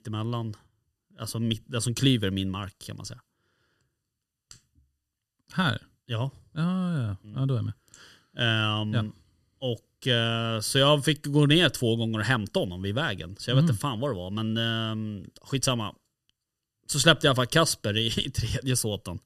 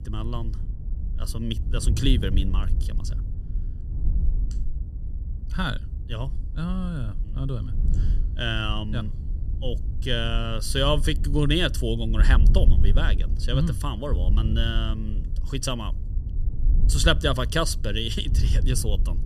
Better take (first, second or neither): first